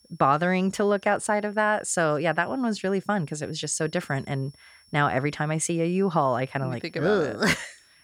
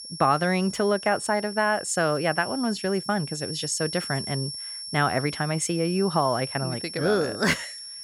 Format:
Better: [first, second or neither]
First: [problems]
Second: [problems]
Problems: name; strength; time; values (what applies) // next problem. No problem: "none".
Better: first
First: high-pitched whine; faint; throughout; 5.5 kHz, 30 dB below the speech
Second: high-pitched whine; loud; throughout; 5.5 kHz, 9 dB below the speech